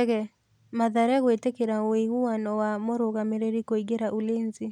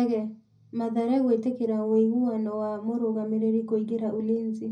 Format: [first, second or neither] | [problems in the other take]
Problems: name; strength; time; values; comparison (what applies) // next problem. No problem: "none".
first | room echo; dies away in 0.4 s